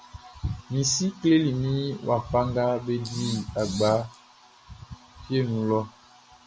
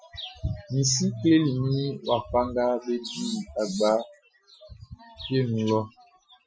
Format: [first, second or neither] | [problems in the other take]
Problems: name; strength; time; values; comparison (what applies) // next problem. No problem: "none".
first | noise reduction (classical method Wiener filter)